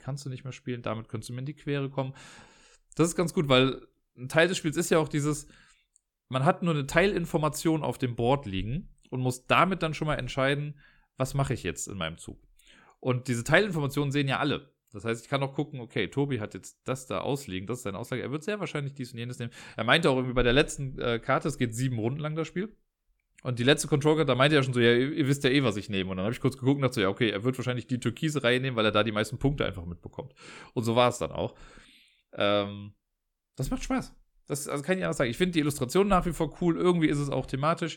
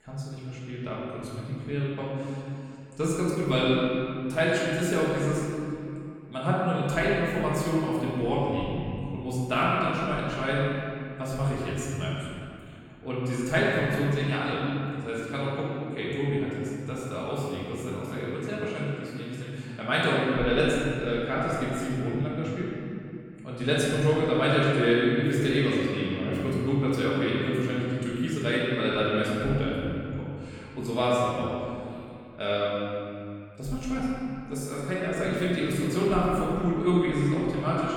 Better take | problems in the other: first | room echo; strong; dies away in 2.5 s // off-mic speech; far

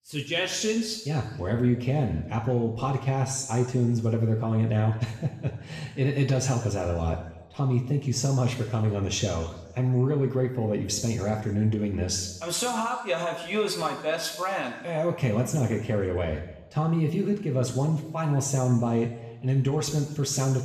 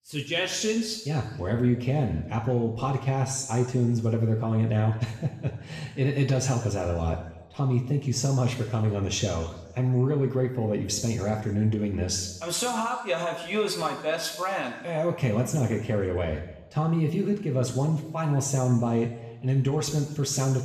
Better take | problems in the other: neither | room echo; noticeable; dies away in 1 s; the same in both // off-mic speech; far; the same in both

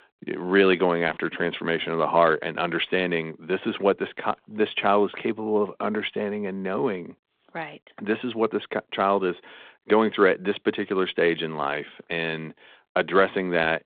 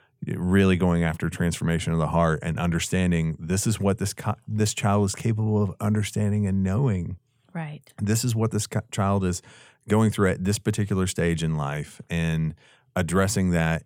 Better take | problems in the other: second | phone-call audio

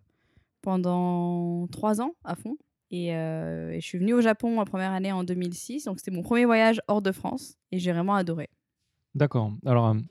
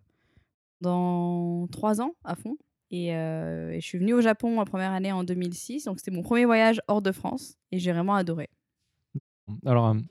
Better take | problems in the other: first | audio cutting out; at 0.5 s and at 9 s

